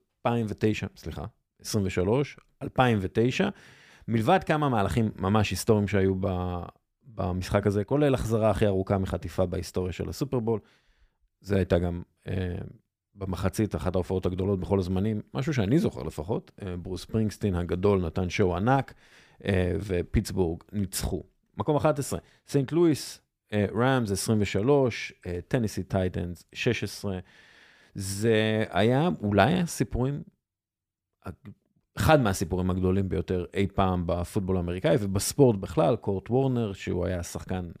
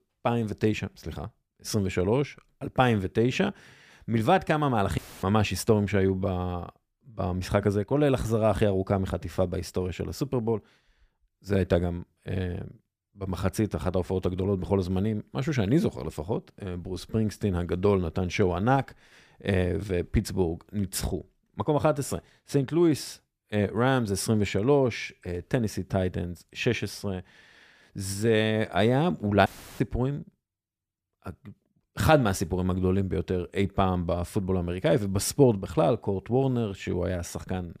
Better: first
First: none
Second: audio cutting out; filled with static; at 5 s and at 29 s

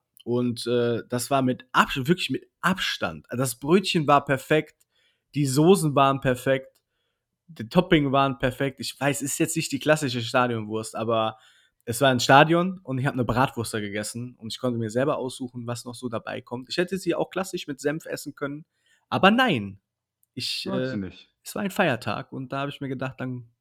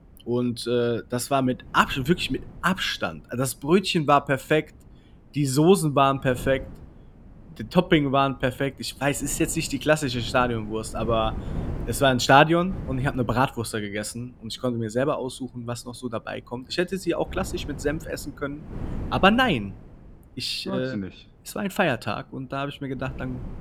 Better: first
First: none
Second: wind noise on the microphone; occasional gusts; 20 dB below the speech

